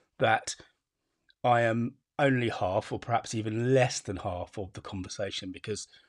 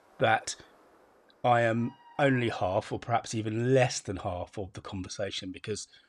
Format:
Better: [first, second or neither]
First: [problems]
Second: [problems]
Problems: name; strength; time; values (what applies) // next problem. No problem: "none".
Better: first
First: none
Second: animal sounds; faint; throughout; 30 dB below the speech